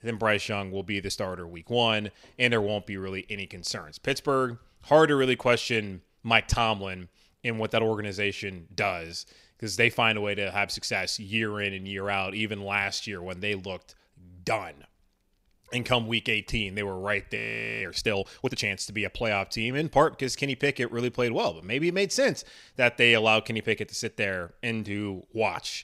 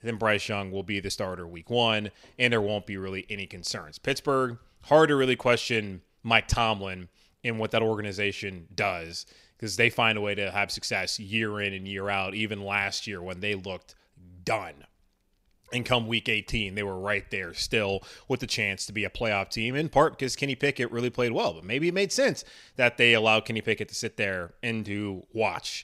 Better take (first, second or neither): second